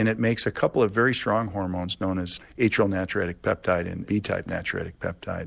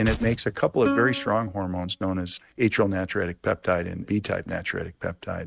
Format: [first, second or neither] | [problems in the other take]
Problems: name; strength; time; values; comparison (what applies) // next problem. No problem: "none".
first | noise reduction (neural mask model RNNoise)